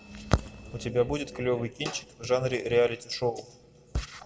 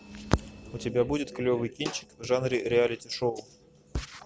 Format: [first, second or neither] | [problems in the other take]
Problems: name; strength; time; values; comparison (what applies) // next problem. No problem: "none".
second | room echo; dies away in 1.2 s